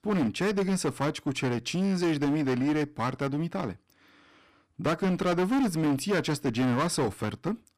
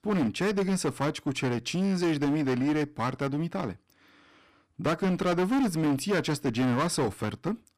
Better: neither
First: distortion; heavy; 16% of the sound clipped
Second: distortion; heavy; 16% of the sound clipped

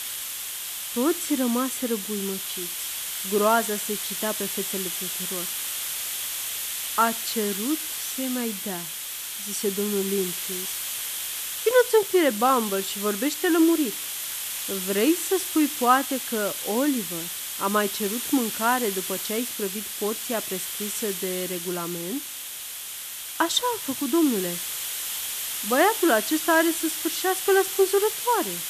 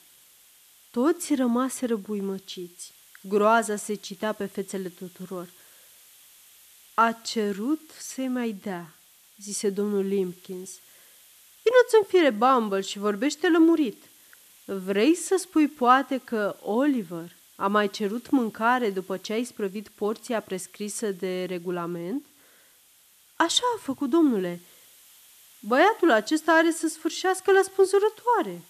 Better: second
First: hiss; loud; throughout; 4 dB below the speech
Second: hiss; faint; throughout; 25 dB below the speech

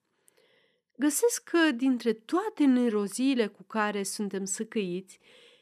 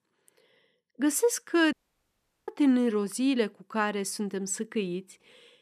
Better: first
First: none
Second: audio cutting out; at 1.5 s for 1 s

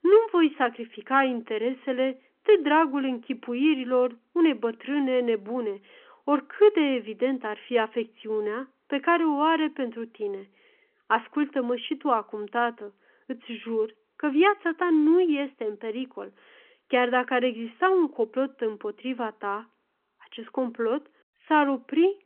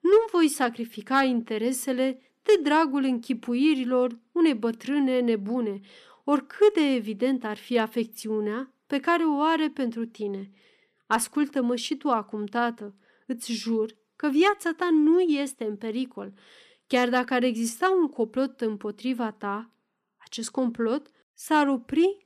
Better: second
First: phone-call audio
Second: none

